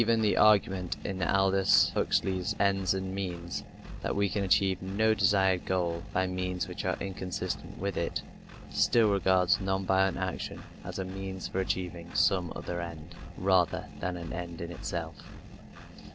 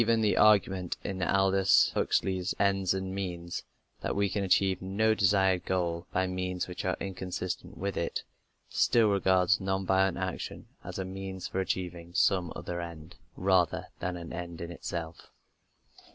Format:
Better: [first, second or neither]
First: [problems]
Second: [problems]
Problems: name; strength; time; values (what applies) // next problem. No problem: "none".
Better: second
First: background sound (Engine); 13 dB below the speech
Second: none